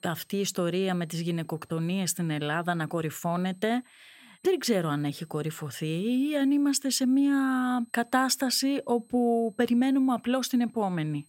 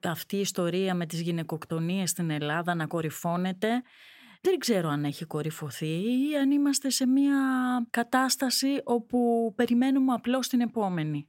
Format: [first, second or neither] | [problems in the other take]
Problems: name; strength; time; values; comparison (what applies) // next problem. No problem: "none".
second | high-pitched whine; faint; throughout; 8 kHz, 35 dB below the speech